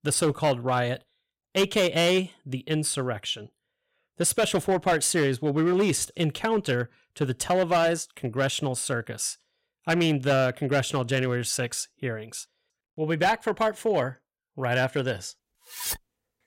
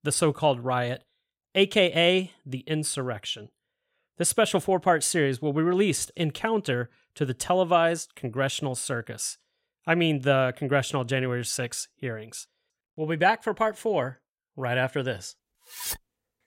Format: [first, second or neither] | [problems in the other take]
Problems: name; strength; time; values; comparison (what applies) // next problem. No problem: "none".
second | distortion; slight; 5% of the sound clipped